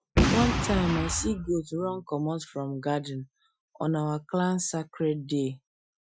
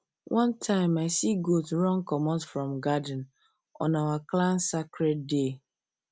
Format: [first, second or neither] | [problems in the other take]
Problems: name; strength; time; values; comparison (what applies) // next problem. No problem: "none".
second | noise reduction (classical method Wiener filter)